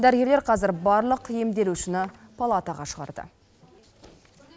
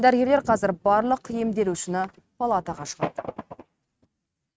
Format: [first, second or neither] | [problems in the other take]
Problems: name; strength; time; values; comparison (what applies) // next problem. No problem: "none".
first | noise reduction (neural mask model RNNoise)